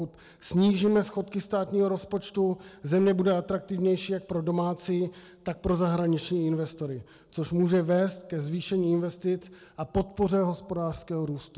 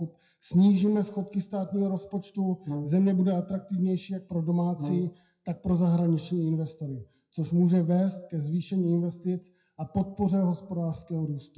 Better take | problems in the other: first | noise reduction (classical method WPE with log-MMSE)

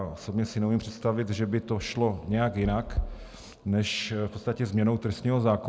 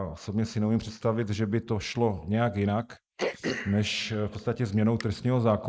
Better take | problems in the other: first | noise reduction (neural mask model Resemble Enhance denoiser)

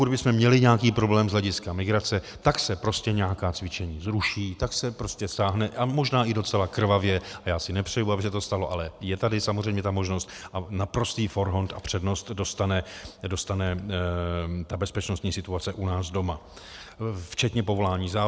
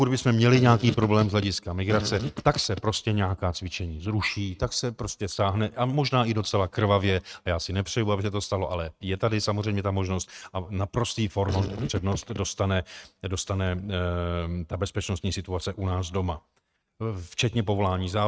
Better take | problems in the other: first | noise reduction (neural mask model RNNoise)

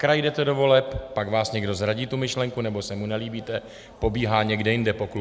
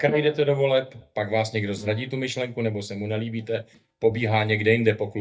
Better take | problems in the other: first | noise reduction (neural mask model DeepFilterNet 3)

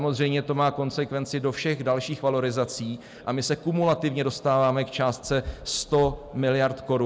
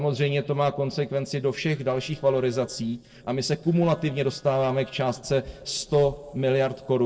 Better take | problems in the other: first | noise reduction (neural separator model SepFormer DNS4)

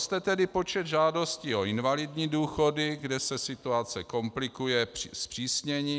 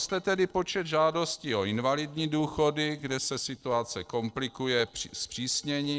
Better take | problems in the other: first | noise reduction (neural separator model SepFormer DNS4)

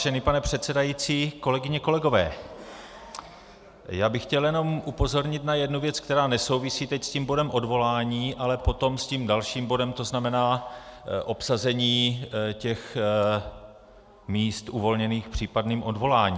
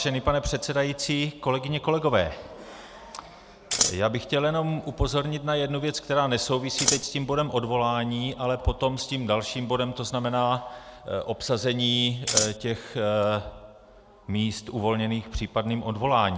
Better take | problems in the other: first | background sound (Scissors); 2 dB above the speech

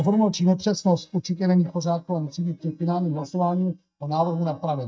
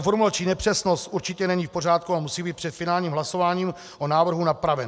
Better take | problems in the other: second | noise reduction (neural mask model DeepFilterNet 3)

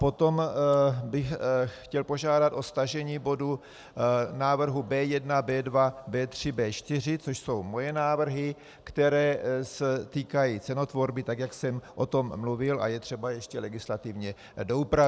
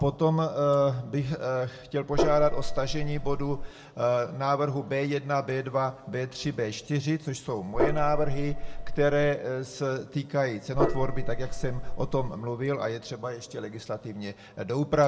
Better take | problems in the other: first | background sound (Gong); 1 dB above the speech // room echo; dies away in 1.5 s

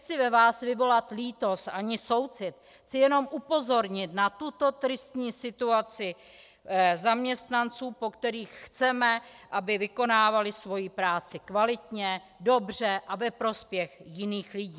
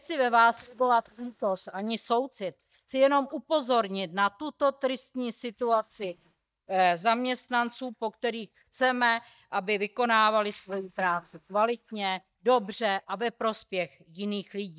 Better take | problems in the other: first | noise reduction (neural mask model DeepFilterNet 3)

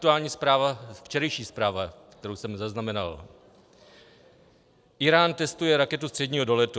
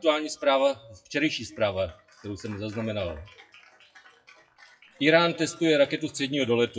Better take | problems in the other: first | noise reduction (classical method WPE with log-MMSE)

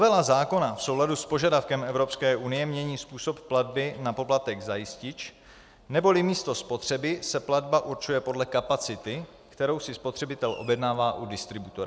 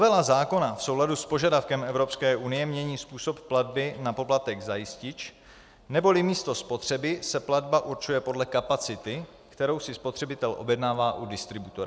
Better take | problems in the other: second | background sound (Fireworks); 20 dB below the speech

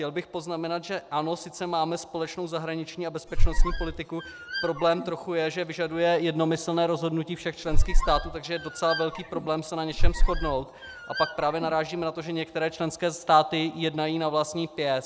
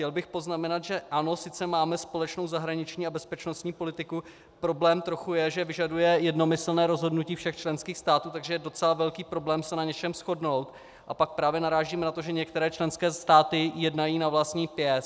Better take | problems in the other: second | background sound (Squeak); 5 dB above the speech

